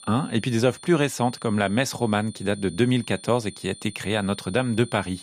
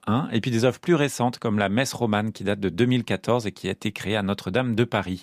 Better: second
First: high-pitched whine; noticeable; throughout; 9 kHz, 20 dB below the speech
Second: none

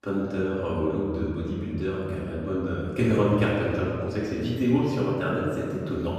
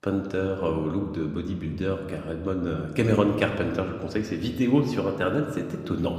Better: second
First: room echo; strong; dies away in 2.2 s // off-mic speech; far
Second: room echo; slight; dies away in 1.3 s

